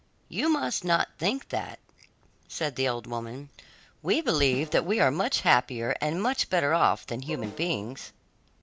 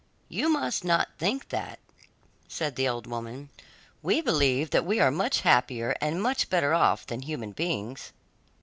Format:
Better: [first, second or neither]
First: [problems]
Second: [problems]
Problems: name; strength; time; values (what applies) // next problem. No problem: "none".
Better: second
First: background sound (Snare drum + Bowed string instrument); 15 dB below the speech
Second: none